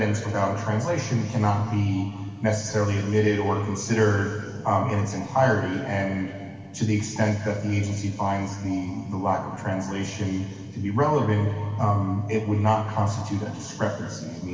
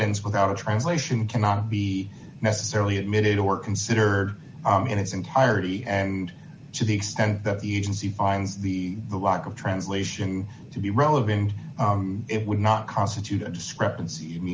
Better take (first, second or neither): second